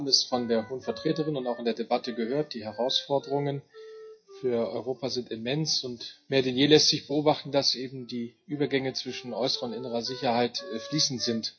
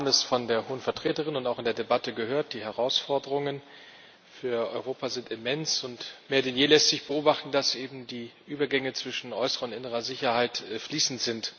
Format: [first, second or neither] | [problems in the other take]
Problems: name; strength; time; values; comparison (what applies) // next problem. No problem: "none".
second | noise reduction (classical method WPE with log-MMSE)